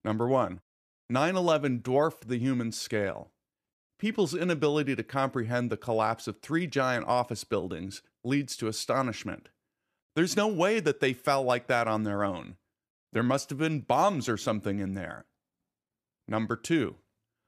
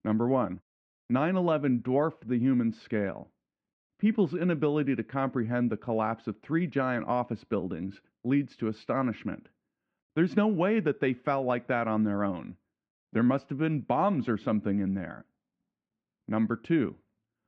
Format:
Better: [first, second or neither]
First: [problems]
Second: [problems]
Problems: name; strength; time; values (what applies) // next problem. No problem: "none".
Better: first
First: none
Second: muffled; very; fading above 2.5 kHz